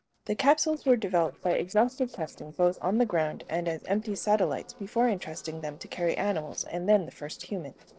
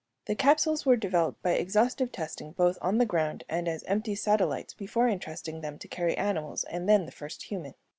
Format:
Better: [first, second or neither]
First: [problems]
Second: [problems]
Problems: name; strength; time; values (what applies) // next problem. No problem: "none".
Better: second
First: noise reduction (neural separator model SepFormer DNS4)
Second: none